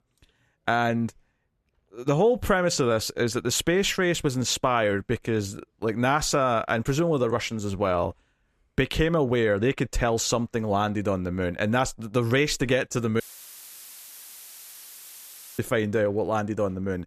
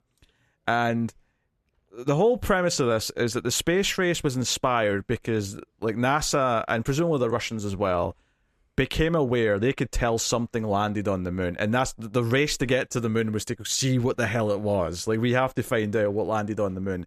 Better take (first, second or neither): second